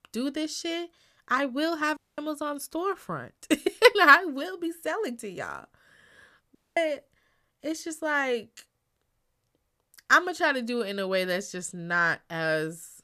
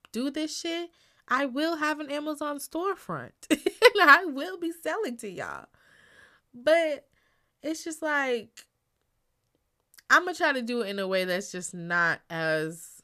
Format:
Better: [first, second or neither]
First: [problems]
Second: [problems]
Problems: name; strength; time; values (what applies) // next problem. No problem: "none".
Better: second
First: audio cutting out; at 2 s and at 6.5 s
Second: none